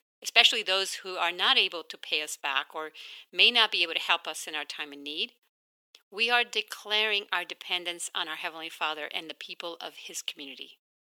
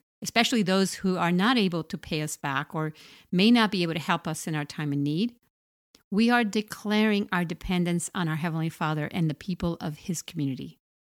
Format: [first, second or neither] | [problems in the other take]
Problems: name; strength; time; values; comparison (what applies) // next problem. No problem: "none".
second | thin; very; fading below 450 Hz